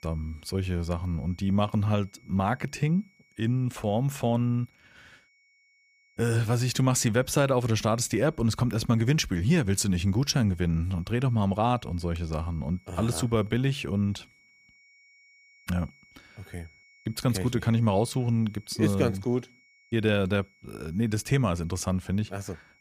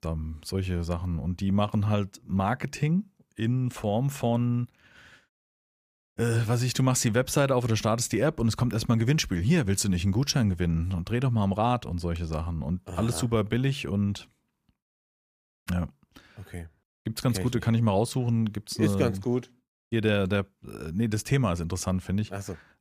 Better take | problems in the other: second | high-pitched whine; faint; throughout; 2 kHz, 30 dB below the speech

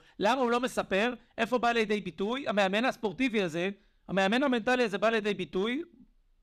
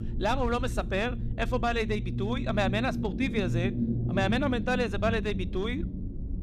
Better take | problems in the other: first | low rumble; noticeable; throughout; 10 dB below the speech

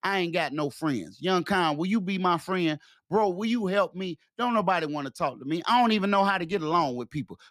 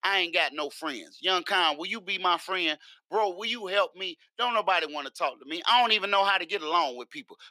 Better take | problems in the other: first | thin; very; fading below 400 Hz

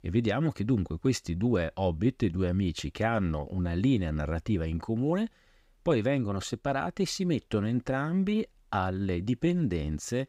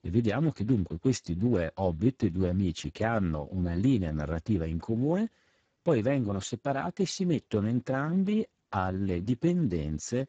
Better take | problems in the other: first | garbled, watery; badly; nothing above 7.5 kHz

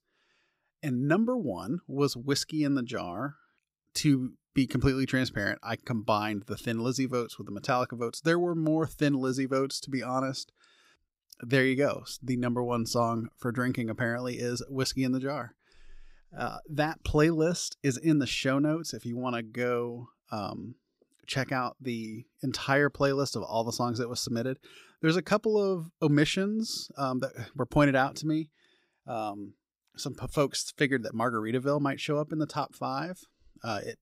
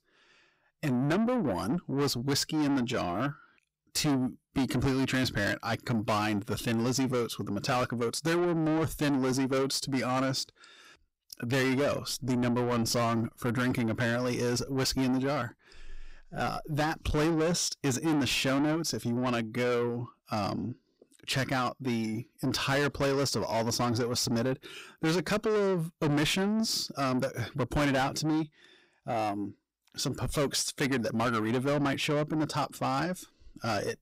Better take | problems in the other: first | distortion; heavy; 6 dB below the speech

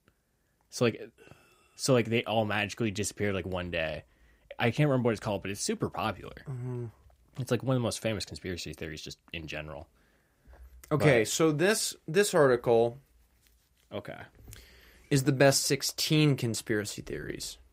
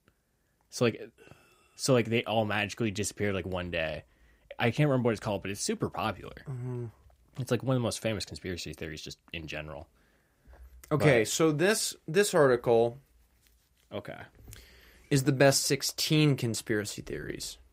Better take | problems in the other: neither | none

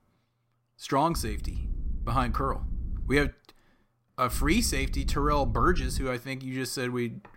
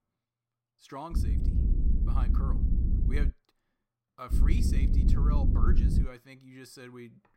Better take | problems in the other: first | low rumble; loud; from 1 to 3.5 s and from 4.5 to 6 s; as loud as the speech; faint in the first

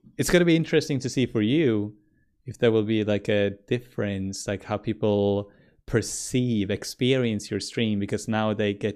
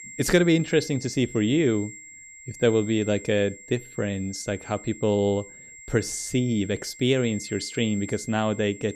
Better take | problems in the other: first | high-pitched whine; noticeable; throughout; 2 kHz, 15 dB below the speech

